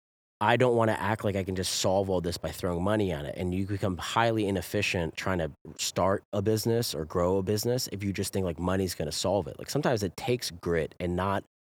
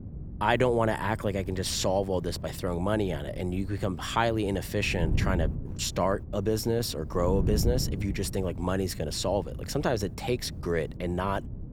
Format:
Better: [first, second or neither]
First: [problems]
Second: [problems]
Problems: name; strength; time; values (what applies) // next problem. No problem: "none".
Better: first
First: none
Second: wind noise on the microphone; occasional gusts; 15 dB below the speech